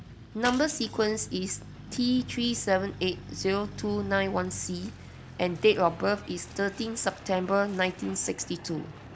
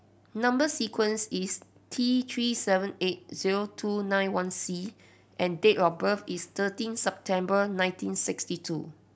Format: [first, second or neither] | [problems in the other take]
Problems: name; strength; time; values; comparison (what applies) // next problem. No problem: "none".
second | background sound (Shatter / Crushing + Truck); 14 dB below the speech